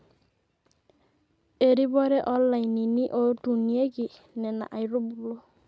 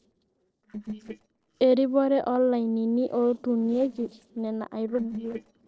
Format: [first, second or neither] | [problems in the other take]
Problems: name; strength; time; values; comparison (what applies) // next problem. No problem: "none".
first | noise reduction (neural separator model SepFormer DNS4)